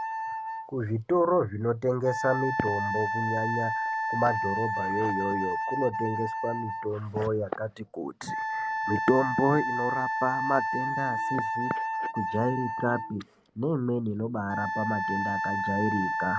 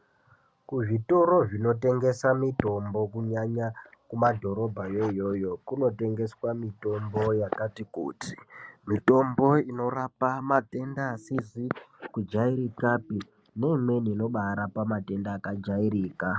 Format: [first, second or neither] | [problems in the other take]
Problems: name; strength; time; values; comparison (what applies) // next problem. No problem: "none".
second | background sound (Wind instrument, woodwind instrument); 2 dB below the speech